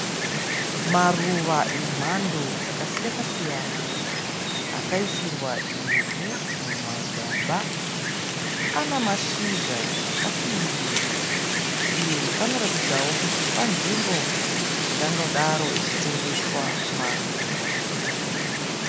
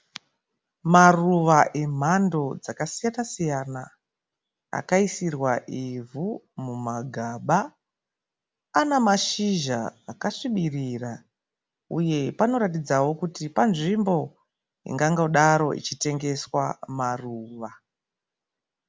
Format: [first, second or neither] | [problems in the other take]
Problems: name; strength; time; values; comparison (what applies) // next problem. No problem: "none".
second | background sound (Wind); 4 dB above the speech